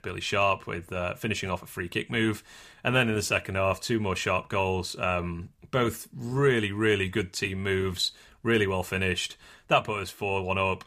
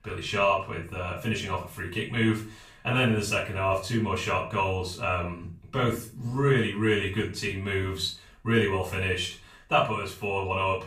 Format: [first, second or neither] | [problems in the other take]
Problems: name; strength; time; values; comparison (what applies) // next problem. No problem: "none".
first | off-mic speech; far // room echo; slight; dies away in 0.3 s